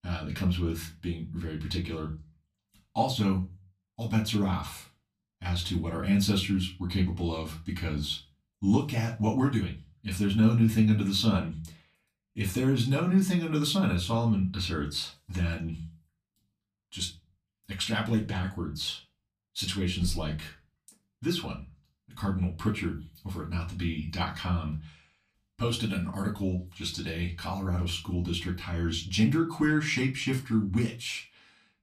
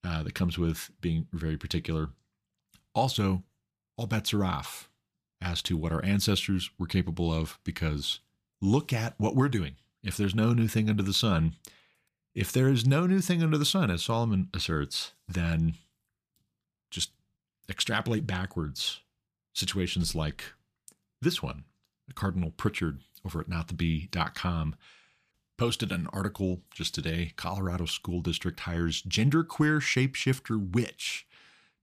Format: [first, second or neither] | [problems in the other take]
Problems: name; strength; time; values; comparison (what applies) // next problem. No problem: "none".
second | off-mic speech; far // room echo; very slight; dies away in 0.2 s